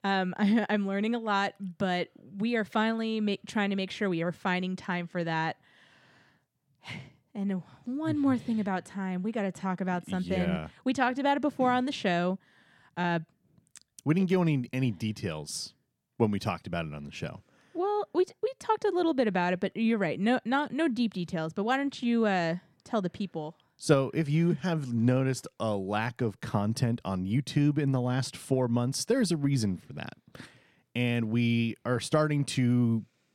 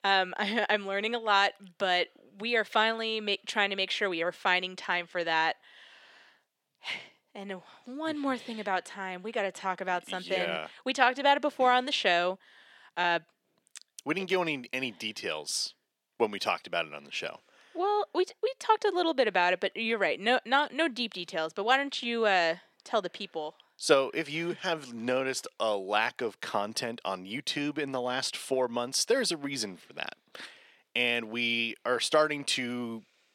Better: first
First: none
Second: thin; somewhat; fading below 500 Hz

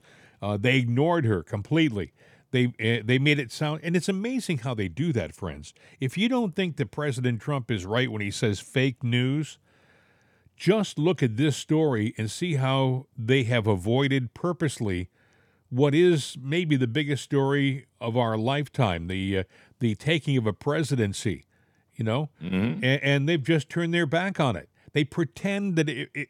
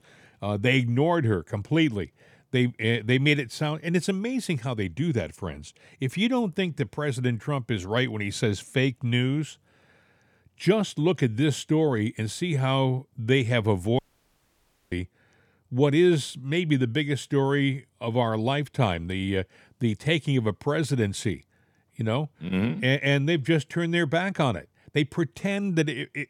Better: first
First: none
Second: audio cutting out; at 14 s for 1 s

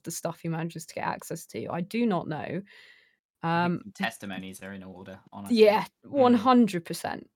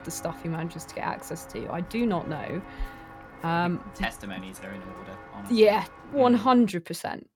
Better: first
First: none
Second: footsteps; faint; until 6.5 s; peak 15 dB below the speech

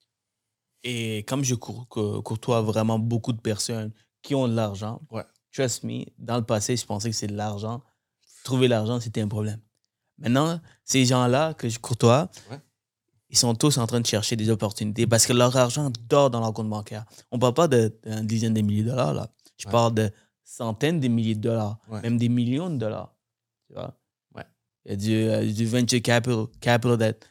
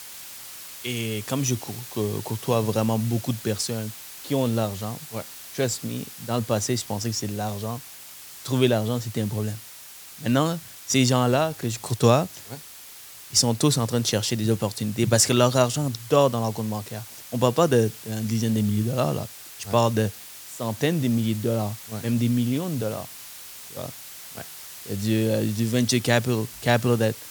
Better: first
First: none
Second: hiss; noticeable; throughout; 15 dB below the speech

